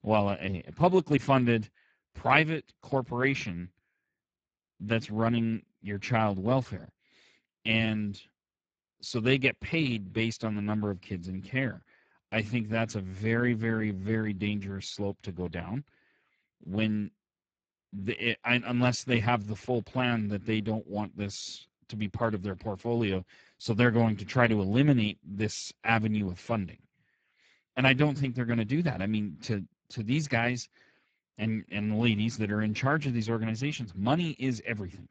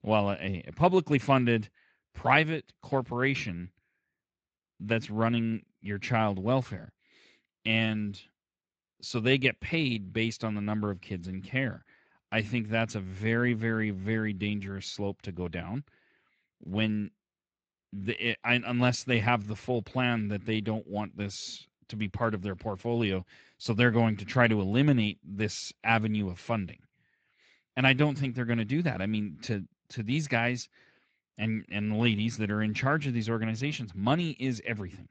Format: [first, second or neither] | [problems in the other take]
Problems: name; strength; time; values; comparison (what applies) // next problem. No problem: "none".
second | garbled, watery; badly; nothing above 7.5 kHz; slightly in the second